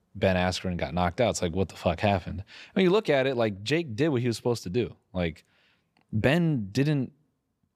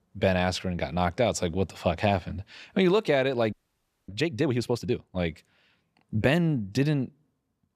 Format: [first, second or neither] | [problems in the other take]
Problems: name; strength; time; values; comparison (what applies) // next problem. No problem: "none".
first | audio freezing; at 3.5 s for 0.5 s